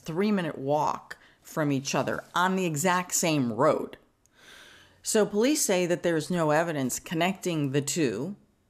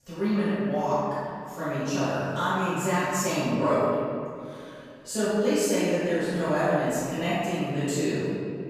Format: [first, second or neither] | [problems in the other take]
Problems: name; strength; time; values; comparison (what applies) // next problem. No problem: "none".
first | off-mic speech; far // room echo; strong; dies away in 2.2 s